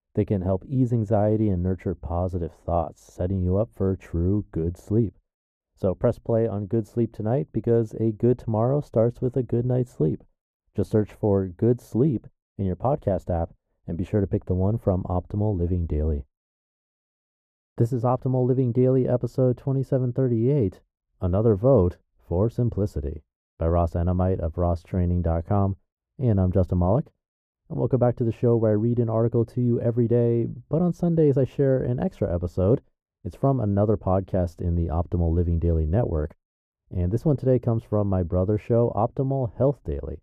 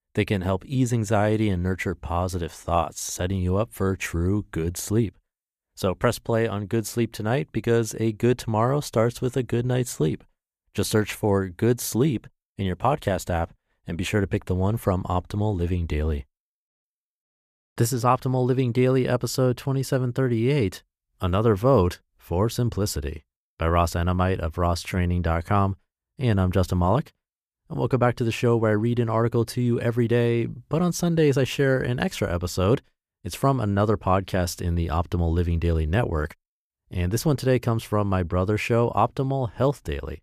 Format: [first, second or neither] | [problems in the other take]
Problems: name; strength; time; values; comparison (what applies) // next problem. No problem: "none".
second | muffled; very; fading above 1 kHz